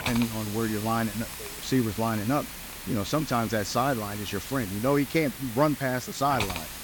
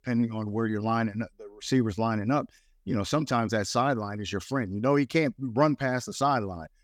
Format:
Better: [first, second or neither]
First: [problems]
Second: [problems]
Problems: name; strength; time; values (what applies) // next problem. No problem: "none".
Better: second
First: hiss; loud; throughout; 8 dB below the speech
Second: none